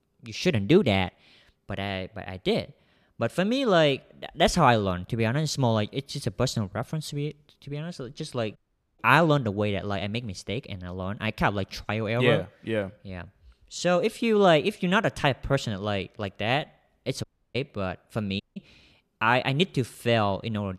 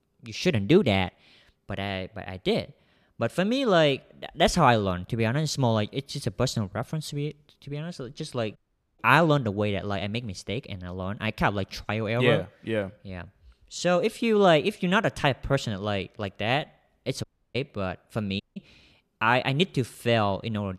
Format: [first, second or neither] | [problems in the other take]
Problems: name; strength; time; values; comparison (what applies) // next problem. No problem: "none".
neither | audio cutting out; at 8.5 s, at 17 s and at 18 s; the same in both